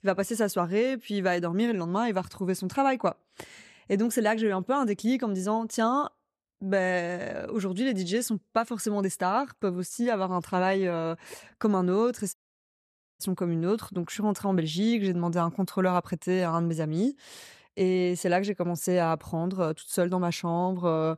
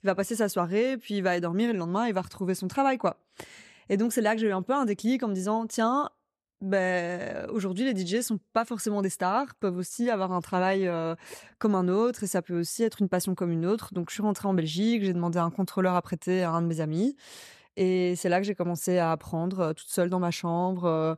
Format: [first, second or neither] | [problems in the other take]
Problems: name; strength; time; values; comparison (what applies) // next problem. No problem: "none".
second | audio cutting out; at 12 s for 1 s